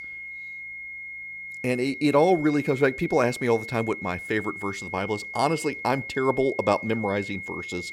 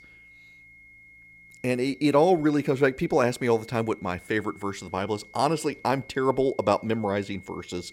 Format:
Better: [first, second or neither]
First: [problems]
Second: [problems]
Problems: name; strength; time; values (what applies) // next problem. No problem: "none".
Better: second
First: high-pitched whine; loud; throughout; 2 kHz, 9 dB below the speech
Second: high-pitched whine; faint; throughout; 2 kHz, 25 dB below the speech